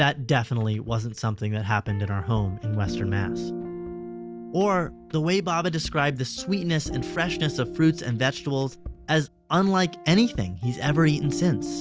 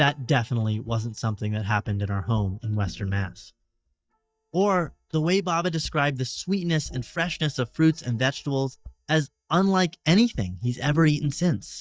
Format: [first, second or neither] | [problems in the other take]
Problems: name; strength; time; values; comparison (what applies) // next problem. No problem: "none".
first | noise reduction (neural mask model DeepFilterNet 3)